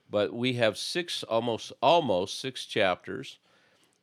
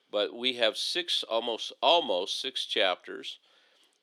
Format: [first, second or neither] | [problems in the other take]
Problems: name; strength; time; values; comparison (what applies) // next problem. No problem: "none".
first | thin; somewhat; fading below 300 Hz